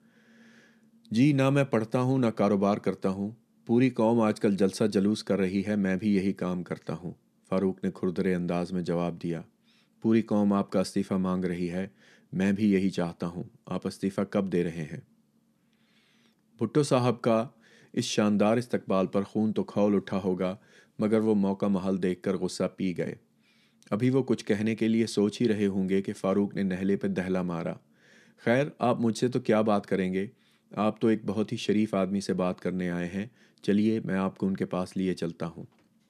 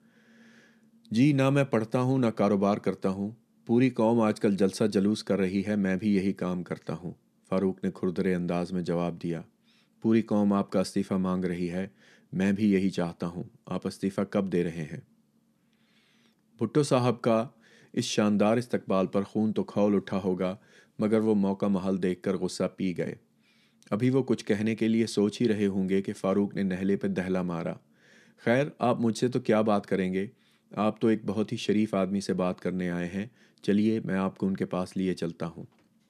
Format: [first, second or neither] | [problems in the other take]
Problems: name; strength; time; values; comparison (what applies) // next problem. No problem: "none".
neither | none